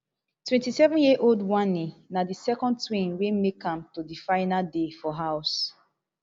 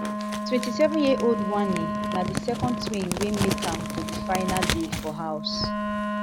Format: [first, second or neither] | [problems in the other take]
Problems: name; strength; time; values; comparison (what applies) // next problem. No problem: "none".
first | background sound (Wind instrument, woodwind instrument + Crumpling, crinkling); 1 dB below the speech